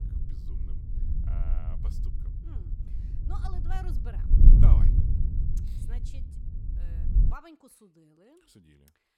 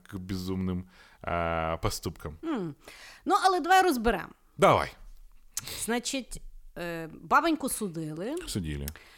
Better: second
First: wind noise on the microphone; heavy; until 7.5 s; 2 dB above the speech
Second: none

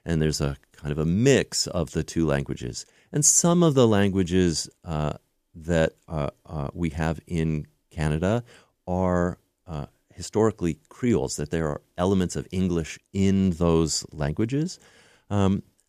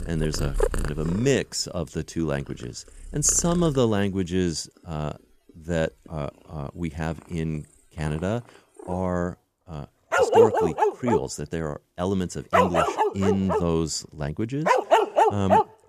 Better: first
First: none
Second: animal sounds; very loud; throughout; 4 dB above the speech

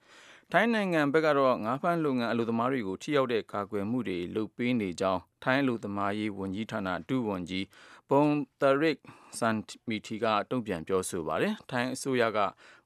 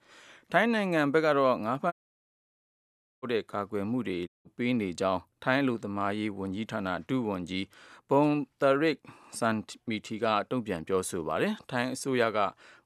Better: first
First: none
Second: audio cutting out; at 2 s for 1.5 s and at 4.5 s

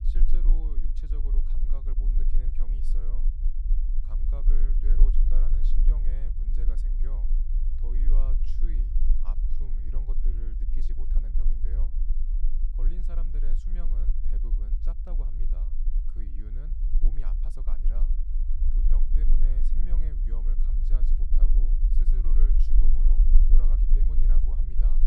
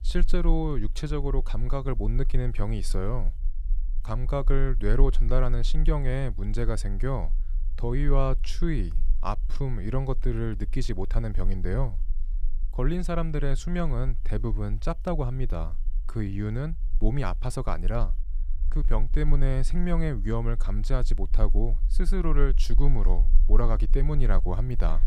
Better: second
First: low rumble; loud; throughout; 1 dB below the speech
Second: low rumble; faint; throughout; 25 dB below the speech

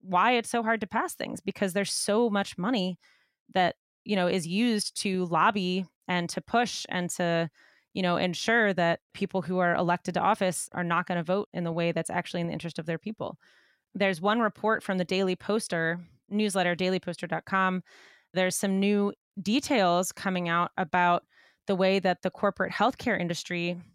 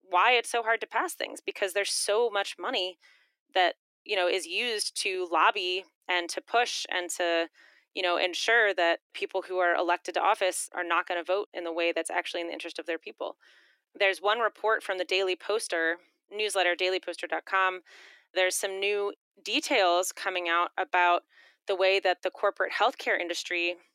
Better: first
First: none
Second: thin; very; fading below 300 Hz

